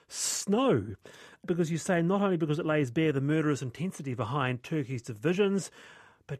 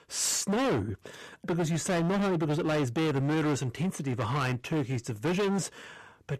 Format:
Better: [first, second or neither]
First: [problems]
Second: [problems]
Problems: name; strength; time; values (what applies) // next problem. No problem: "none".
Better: first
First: none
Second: distortion; heavy; 24% of the sound clipped